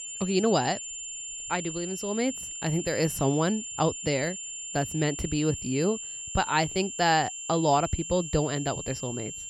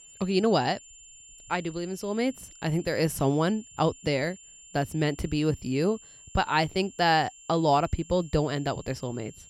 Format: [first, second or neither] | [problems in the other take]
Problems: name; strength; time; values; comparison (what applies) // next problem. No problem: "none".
second | high-pitched whine; loud; throughout; 7 kHz, 7 dB below the speech; faint in the second